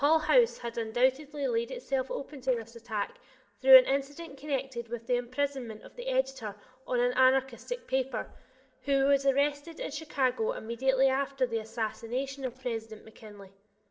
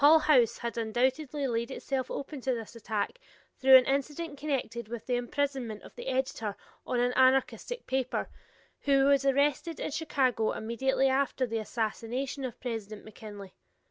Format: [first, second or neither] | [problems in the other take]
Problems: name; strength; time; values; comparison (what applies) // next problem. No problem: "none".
second | noise reduction (neural separator model SepFormer DNS4)